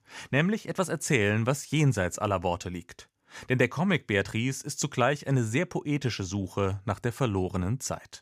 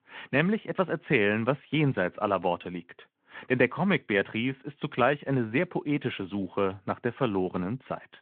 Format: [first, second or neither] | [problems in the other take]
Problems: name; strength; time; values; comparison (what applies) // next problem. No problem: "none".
first | phone-call audio